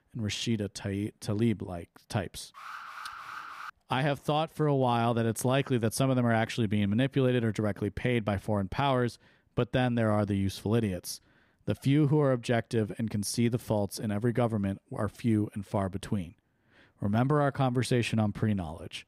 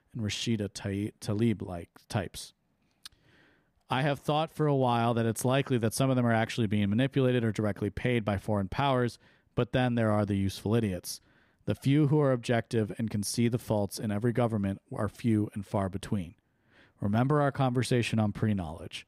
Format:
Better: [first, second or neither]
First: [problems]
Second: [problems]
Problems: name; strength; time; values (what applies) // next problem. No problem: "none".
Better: second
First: alarm; faint; from 2.5 to 3.5 s; peak 10 dB below the speech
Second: none